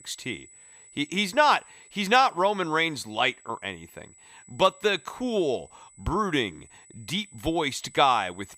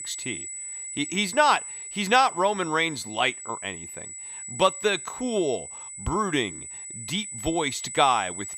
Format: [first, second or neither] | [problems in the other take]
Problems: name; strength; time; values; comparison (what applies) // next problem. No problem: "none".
first | high-pitched whine; loud; throughout; 8 kHz, 10 dB below the speech; faint in the first